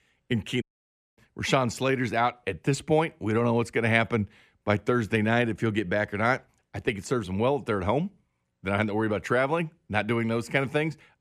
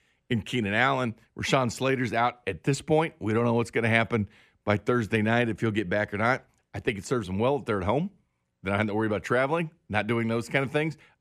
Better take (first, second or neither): second